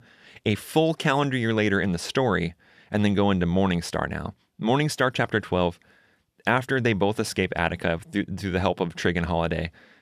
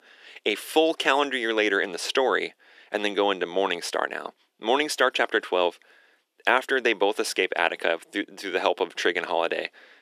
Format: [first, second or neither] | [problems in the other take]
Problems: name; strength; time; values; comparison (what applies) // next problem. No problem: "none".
first | thin; very; fading below 300 Hz